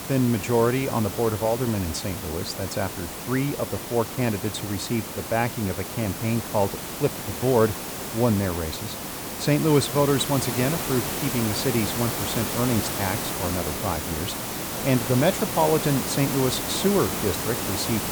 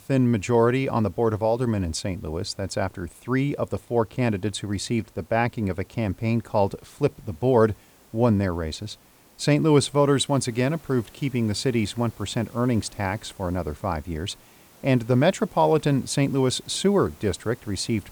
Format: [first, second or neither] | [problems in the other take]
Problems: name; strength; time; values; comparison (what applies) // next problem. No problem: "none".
second | hiss; loud; throughout; 4 dB below the speech; faint in the second